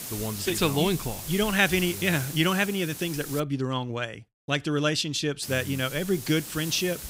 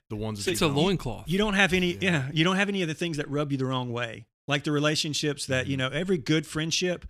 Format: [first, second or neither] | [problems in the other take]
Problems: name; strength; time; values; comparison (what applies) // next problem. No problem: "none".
second | hiss; loud; until 3.5 s and from 5.5 s on; 9 dB below the speech